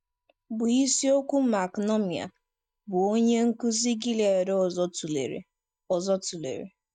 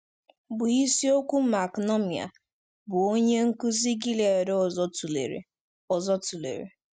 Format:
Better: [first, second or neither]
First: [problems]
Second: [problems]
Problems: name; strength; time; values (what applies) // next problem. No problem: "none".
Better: second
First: noise reduction (neural mask model DeepFilterNet 3)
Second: none